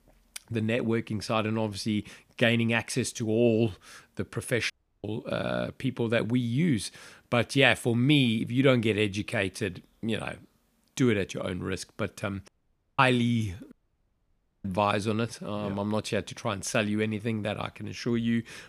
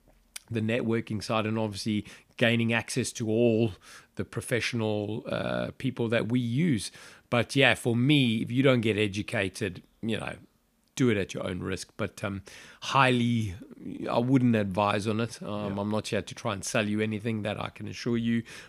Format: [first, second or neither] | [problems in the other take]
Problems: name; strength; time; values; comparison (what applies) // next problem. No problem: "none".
second | audio cutting out; at 4.5 s, at 12 s for 0.5 s and at 14 s for 1 s